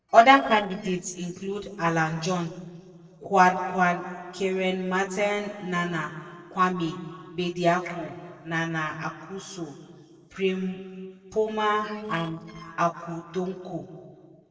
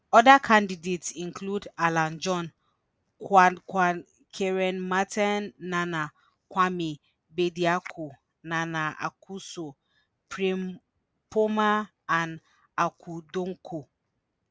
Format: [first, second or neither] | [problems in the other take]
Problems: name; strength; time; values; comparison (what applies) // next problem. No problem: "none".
second | noise reduction (neural separator model SepFormer DNS4)